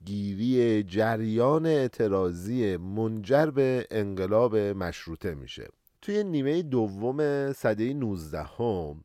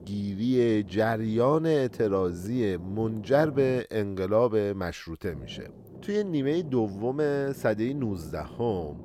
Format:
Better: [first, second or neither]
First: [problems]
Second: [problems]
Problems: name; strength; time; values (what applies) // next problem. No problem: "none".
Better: first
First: none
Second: low rumble; faint; until 4 s and from 5.5 s on; 20 dB below the speech